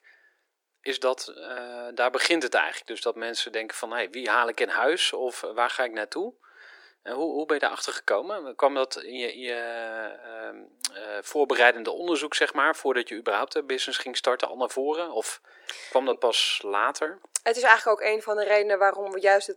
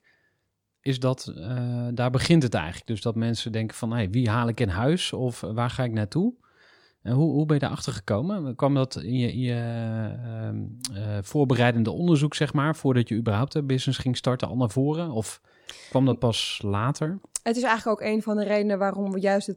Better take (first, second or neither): second